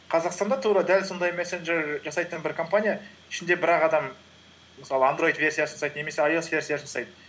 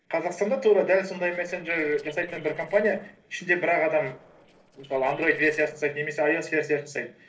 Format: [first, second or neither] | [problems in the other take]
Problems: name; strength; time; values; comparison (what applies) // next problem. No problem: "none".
first | noise reduction (neural separator model SepFormer DNS4)